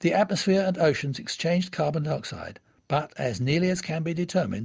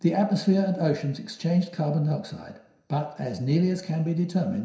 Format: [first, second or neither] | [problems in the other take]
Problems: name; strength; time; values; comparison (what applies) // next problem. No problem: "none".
first | room echo; dies away in 0.7 s